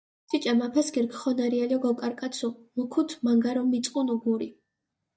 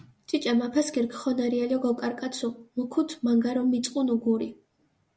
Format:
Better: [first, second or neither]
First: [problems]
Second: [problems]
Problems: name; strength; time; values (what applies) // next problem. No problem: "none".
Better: second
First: noise reduction (neural mask model DeepFilterNet 3)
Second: none